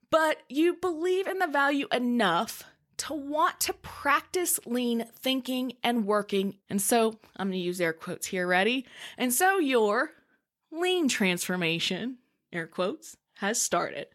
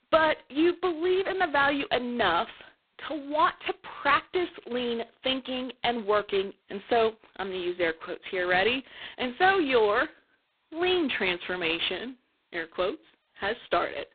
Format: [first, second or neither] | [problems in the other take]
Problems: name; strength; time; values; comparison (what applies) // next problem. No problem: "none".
first | phone-call audio; poor line; nothing above 4 kHz